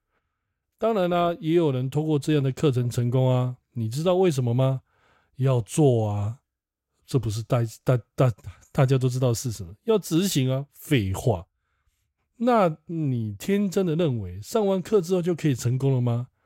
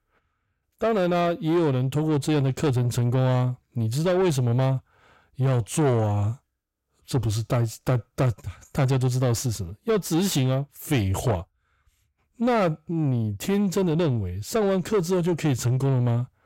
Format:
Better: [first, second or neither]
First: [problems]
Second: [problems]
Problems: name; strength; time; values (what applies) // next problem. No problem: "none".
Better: first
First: none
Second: distortion; slight; 10 dB below the speech